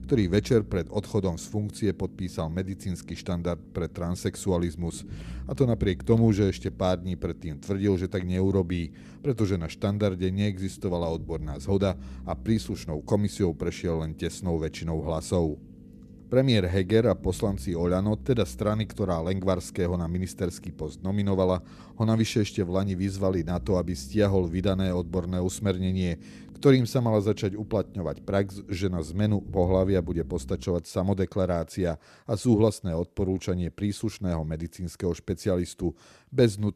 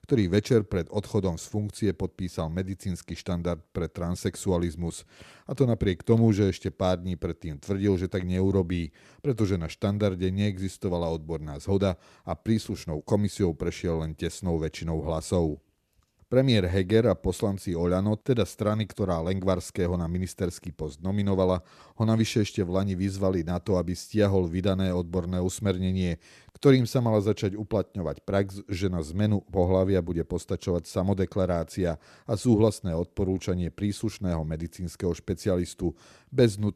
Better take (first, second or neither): second